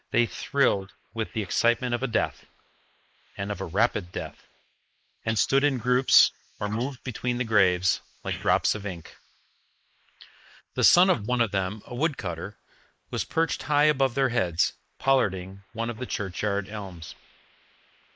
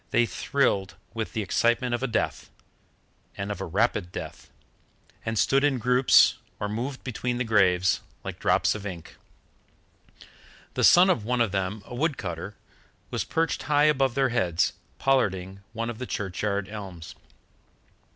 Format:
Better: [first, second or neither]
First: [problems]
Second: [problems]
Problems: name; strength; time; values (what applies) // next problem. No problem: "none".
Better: second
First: noise reduction (neural mask model Resemble Enhance denoiser)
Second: none